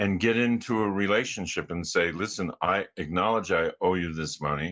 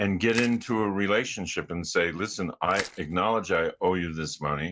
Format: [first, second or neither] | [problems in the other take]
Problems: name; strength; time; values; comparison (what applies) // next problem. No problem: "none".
first | background sound (Crushing); 16 dB below the speech